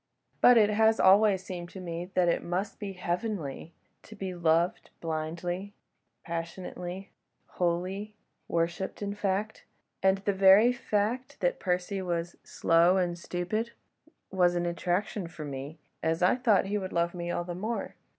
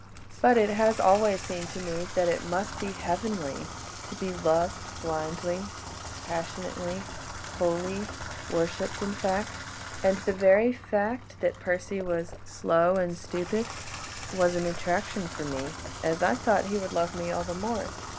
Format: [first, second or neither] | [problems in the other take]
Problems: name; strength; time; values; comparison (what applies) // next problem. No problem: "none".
first | background sound (Bathtub (filling or washing) / Water tap, faucet); 10 dB below the speech